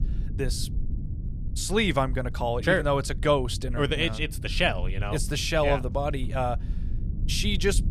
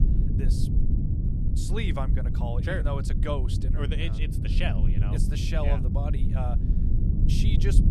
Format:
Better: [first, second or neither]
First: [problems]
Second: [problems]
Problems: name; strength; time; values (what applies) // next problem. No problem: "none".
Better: first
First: low rumble; faint; throughout; 20 dB below the speech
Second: low rumble; loud; throughout; 4 dB below the speech